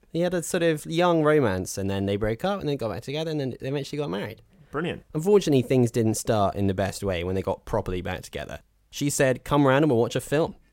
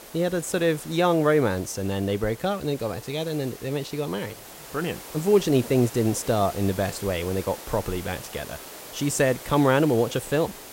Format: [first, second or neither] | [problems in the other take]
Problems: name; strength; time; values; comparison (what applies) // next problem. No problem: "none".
first | hiss; noticeable; throughout; 15 dB below the speech